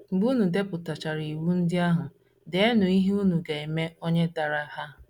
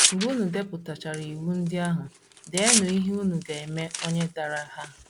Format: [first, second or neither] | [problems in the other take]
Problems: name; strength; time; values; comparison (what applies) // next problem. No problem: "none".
first | background sound (Tearing); 2 dB below the speech